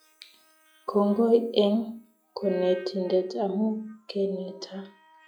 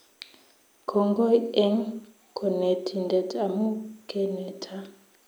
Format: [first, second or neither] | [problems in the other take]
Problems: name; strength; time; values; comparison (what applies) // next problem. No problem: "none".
second | noise reduction (classical method log-MMSE)